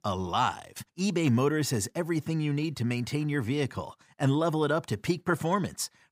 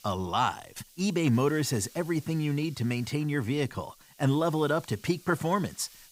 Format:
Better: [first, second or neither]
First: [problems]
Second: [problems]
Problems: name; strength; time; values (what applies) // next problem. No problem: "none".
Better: first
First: none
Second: hiss; faint; throughout; 25 dB below the speech